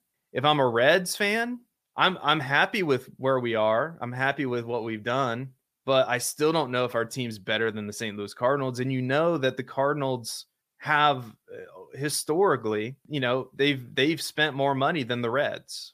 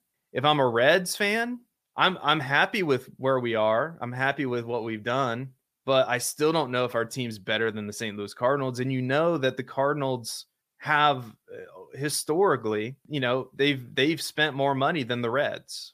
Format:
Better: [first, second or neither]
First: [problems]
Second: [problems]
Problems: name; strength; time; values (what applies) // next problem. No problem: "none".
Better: neither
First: none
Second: none